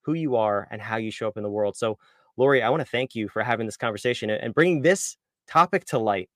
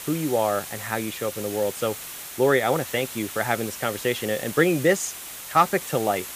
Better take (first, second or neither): first